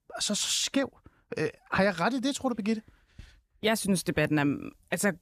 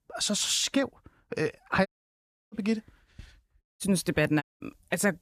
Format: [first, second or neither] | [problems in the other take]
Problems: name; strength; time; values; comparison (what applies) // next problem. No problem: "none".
first | audio cutting out; at 2 s for 0.5 s, at 3.5 s and at 4.5 s